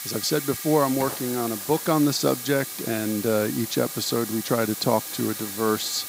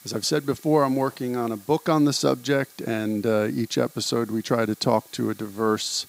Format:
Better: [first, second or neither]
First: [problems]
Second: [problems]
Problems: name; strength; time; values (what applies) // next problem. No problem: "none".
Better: second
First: hiss; loud; throughout; 7 dB below the speech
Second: hiss; faint; throughout; 25 dB below the speech